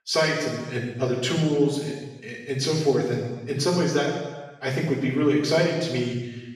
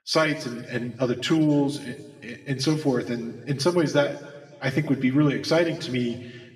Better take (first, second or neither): second